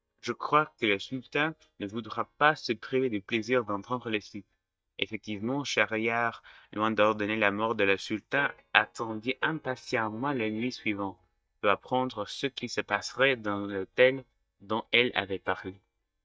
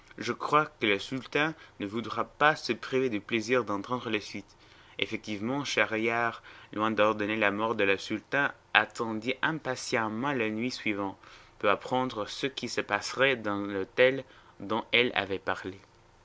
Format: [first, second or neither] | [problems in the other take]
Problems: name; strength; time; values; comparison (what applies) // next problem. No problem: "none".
second | noise reduction (neural mask model DeepFilterNet 3)